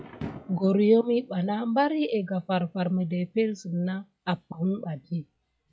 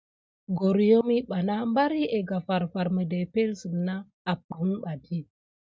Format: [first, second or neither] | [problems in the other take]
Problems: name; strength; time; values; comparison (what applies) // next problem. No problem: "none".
second | noise reduction (classical method log-MMSE)